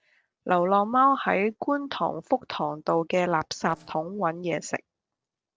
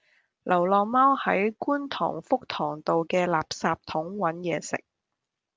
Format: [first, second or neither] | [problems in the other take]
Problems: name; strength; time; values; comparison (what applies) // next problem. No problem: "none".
second | noise reduction (neural separator model SepFormer DNS4)